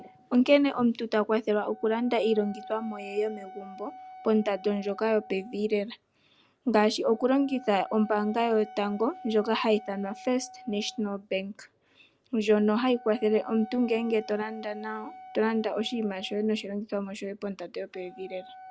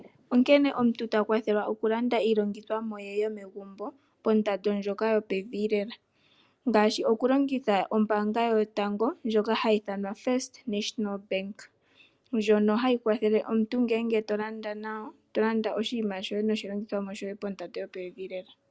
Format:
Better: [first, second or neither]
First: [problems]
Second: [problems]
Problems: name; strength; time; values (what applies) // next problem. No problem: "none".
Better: second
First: background sound (Wind instrument, woodwind instrument); 19 dB below the speech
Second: none